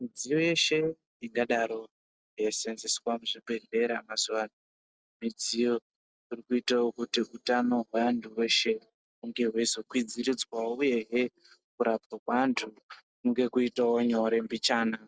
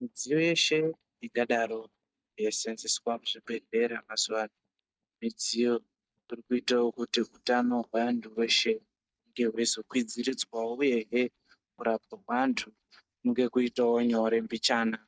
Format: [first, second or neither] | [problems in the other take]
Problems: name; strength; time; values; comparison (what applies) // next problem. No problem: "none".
first | noise reduction (neural mask model DeepFilterNet 3)